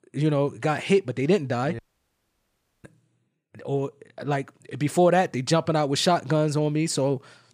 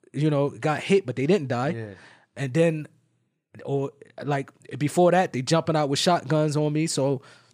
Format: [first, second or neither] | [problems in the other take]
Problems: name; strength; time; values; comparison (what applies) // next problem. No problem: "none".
second | audio cutting out; at 2 s for 1 s